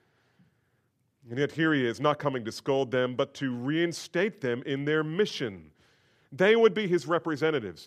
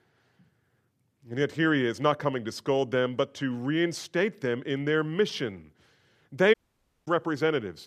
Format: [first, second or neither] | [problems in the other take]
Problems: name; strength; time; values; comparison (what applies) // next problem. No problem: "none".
first | audio cutting out; at 6.5 s for 0.5 s